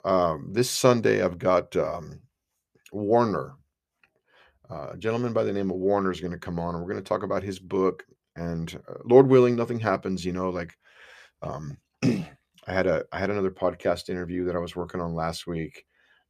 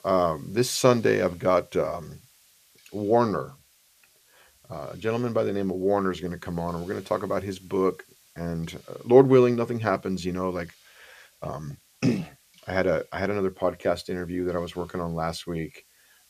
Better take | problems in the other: first | hiss; faint; throughout; 30 dB below the speech

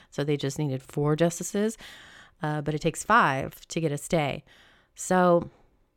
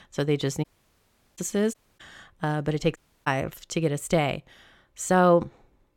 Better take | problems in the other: first | audio cutting out; at 0.5 s for 0.5 s, at 1.5 s and at 3 s

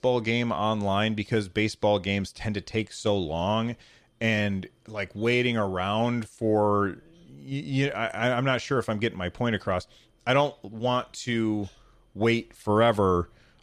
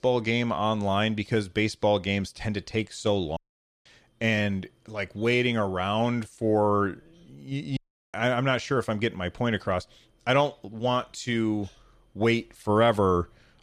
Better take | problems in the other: first | audio cutting out; at 3.5 s and at 8 s

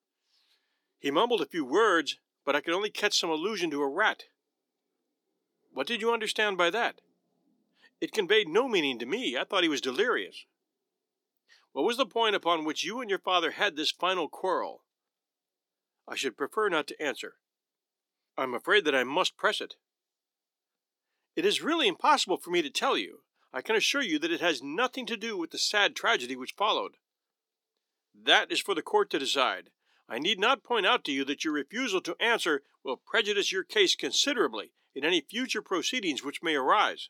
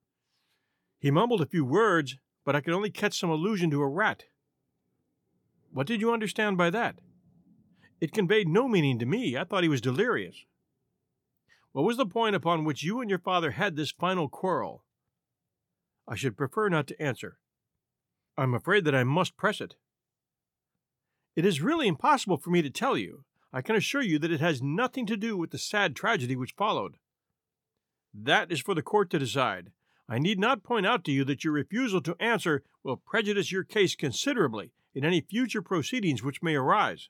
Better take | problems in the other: second | thin; somewhat; fading below 300 Hz

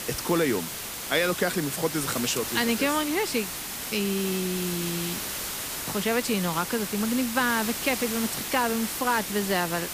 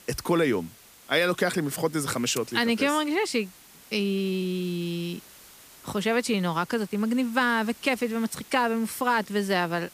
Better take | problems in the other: second | hiss; loud; throughout; 4 dB below the speech; faint in the second

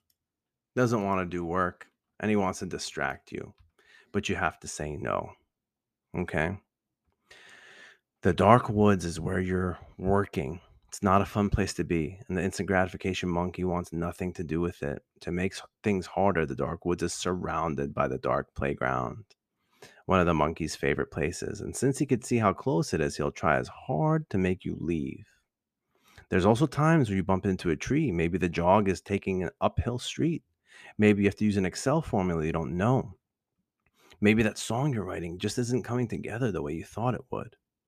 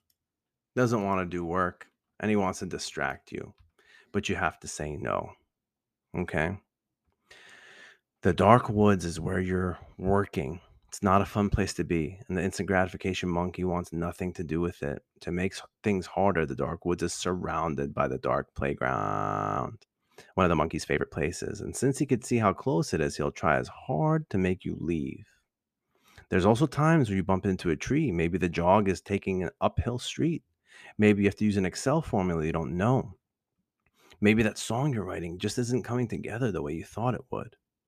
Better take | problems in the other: first | audio freezing; at 19 s for 0.5 s

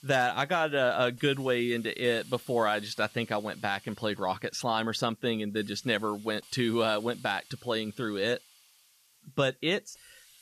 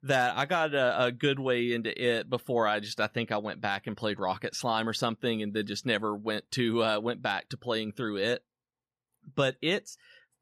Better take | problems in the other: second | hiss; faint; throughout; 25 dB below the speech

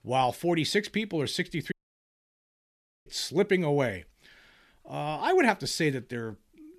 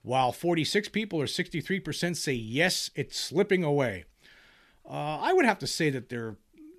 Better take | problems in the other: second | audio cutting out; at 1.5 s for 1.5 s

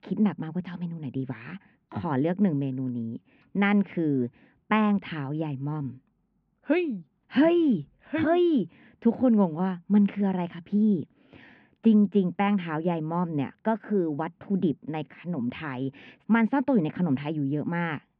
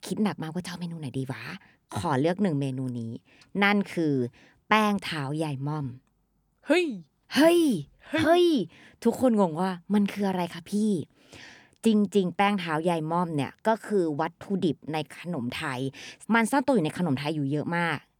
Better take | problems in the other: second | muffled; very; fading above 3 kHz

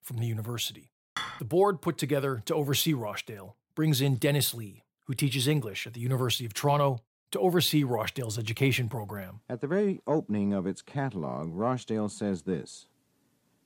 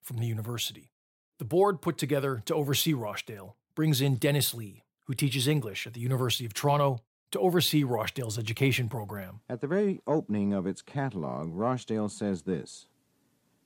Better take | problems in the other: second | clattering dishes; noticeable; at 1 s; peak 7 dB below the speech

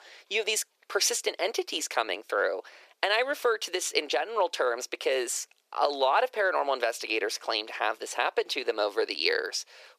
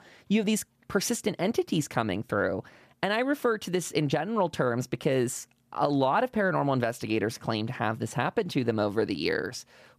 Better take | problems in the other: second | thin; very; fading below 400 Hz

